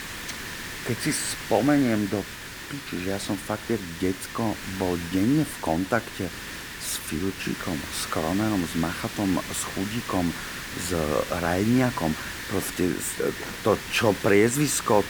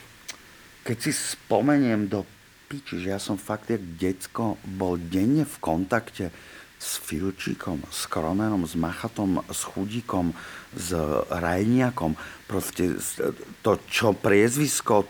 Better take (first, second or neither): second